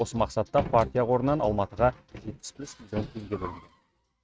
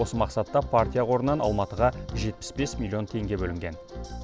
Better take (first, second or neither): second